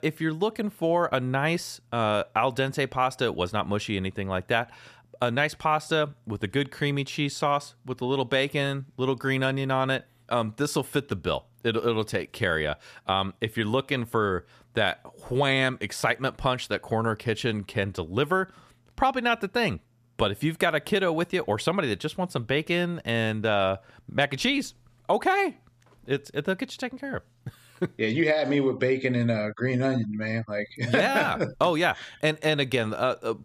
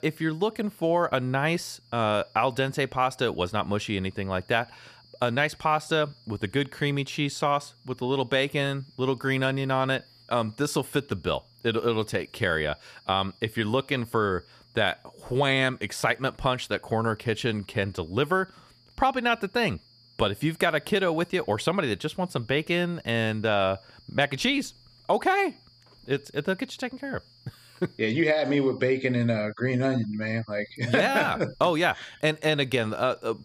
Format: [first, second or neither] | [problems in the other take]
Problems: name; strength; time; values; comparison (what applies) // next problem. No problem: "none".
first | high-pitched whine; faint; throughout; 4.5 kHz, 30 dB below the speech